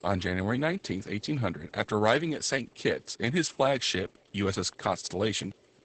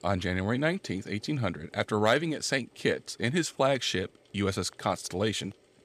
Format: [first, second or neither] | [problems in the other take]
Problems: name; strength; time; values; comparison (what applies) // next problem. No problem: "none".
second | garbled, watery; badly; nothing above 8 kHz